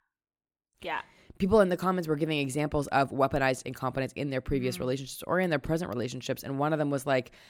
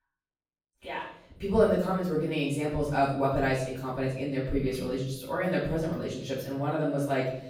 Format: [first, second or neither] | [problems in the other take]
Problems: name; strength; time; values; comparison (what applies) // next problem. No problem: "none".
first | off-mic speech; far // room echo; noticeable; dies away in 0.7 s